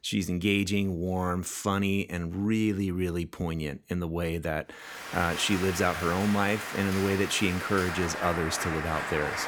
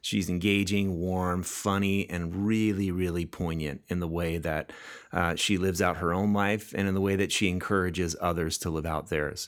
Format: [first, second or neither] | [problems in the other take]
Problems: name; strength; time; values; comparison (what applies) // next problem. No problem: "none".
second | crowd noise; loud; from 5 s on; 6 dB below the speech